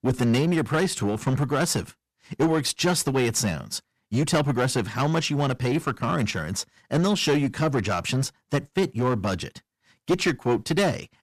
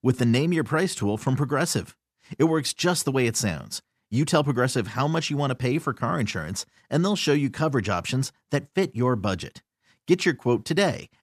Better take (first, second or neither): second